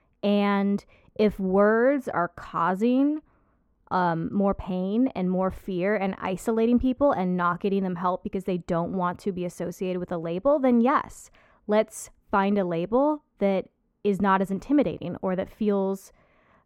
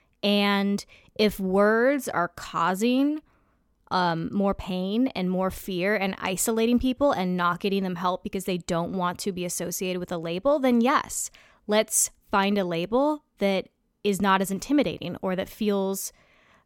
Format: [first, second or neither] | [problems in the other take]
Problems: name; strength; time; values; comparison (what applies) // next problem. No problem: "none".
second | muffled; very; fading above 2.5 kHz